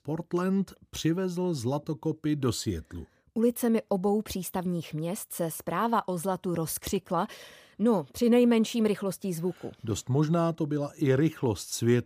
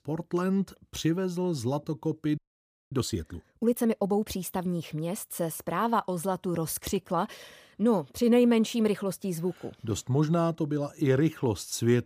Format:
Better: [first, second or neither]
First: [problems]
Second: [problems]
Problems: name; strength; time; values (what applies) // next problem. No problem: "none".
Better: first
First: none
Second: audio freezing; at 2.5 s for 0.5 s